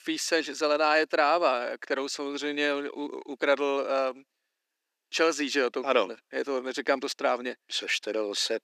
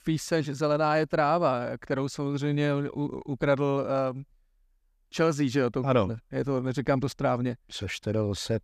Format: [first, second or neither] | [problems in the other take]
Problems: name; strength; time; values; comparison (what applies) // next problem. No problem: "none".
second | thin; somewhat; fading below 300 Hz